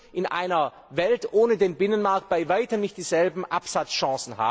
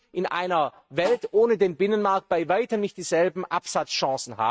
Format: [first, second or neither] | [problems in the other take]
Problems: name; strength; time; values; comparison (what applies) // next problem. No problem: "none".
first | noise reduction (neural mask model RNNoise)